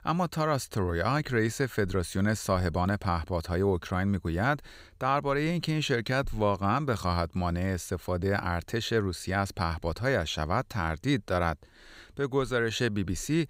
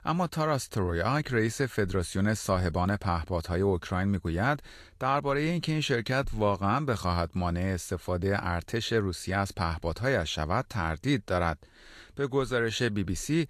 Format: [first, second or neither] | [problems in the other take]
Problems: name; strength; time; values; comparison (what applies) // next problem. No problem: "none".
first | garbled, watery; slightly; nothing above 13 kHz